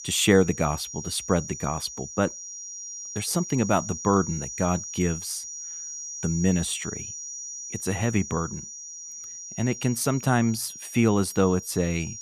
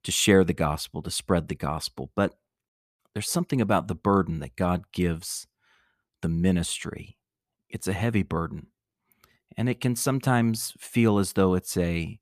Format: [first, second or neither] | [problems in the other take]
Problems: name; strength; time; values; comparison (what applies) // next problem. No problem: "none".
second | high-pitched whine; loud; throughout; 6 kHz, 9 dB below the speech